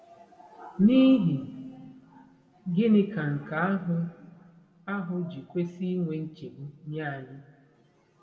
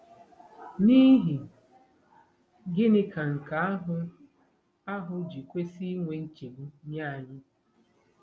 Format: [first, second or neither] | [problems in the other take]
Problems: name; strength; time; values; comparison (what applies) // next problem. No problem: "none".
second | room echo; dies away in 1.3 s